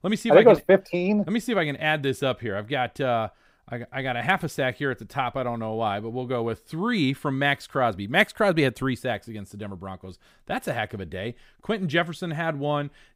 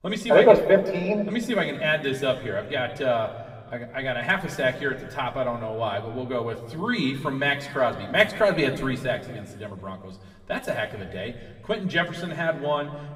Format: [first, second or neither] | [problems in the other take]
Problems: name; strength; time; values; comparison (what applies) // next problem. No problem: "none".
first | room echo; slight; dies away in 1.3 s // off-mic speech; somewhat distant